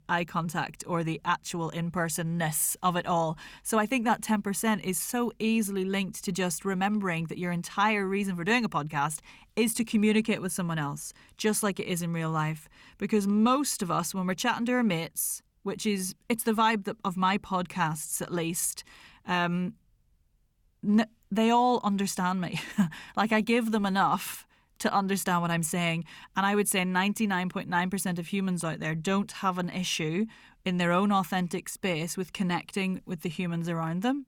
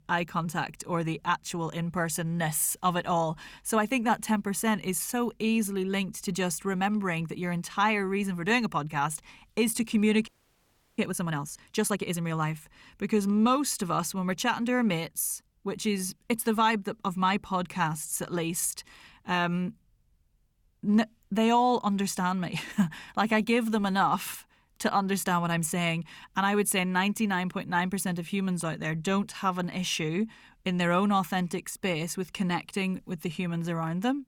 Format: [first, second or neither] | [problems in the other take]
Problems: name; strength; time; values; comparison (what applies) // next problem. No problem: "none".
first | audio freezing; at 10 s for 0.5 s